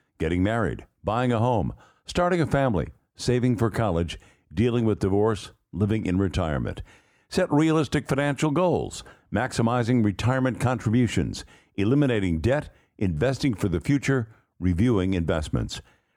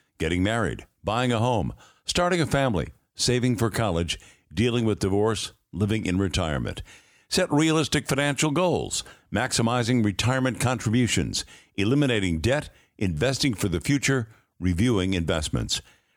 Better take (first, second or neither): second